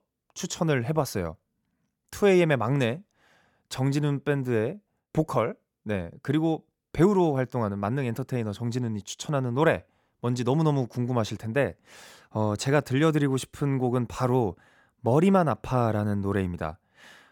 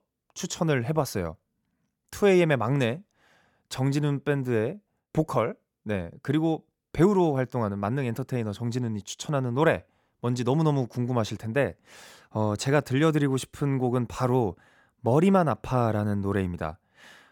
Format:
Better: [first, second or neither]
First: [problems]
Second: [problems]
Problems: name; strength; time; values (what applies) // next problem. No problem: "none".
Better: neither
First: none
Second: none